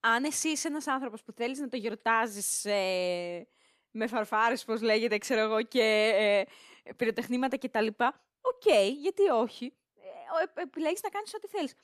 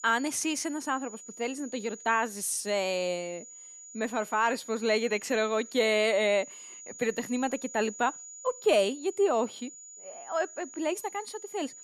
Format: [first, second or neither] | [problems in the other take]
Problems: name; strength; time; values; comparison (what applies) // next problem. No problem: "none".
first | high-pitched whine; noticeable; throughout; 7 kHz, 15 dB below the speech